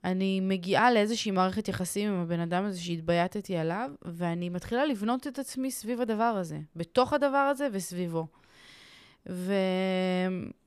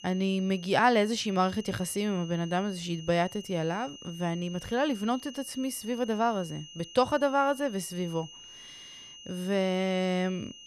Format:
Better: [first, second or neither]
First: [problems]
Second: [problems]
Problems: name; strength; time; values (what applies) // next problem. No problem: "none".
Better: first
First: none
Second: high-pitched whine; noticeable; throughout; 3 kHz, 15 dB below the speech